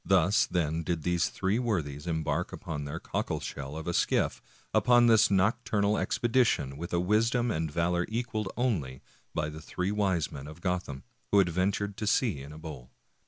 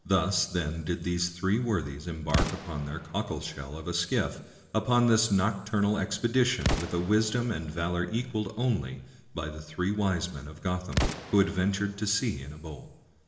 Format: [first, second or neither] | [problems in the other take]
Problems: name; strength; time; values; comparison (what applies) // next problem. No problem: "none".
first | background sound (Explosion); 9 dB below the speech // room echo; dies away in 1.1 s